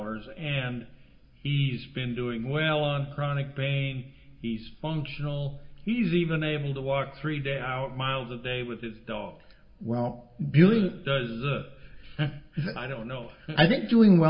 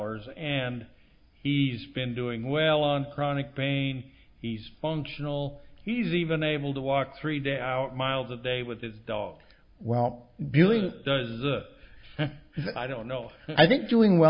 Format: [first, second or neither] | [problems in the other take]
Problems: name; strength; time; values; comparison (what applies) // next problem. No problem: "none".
second | room echo; dies away in 0.6 s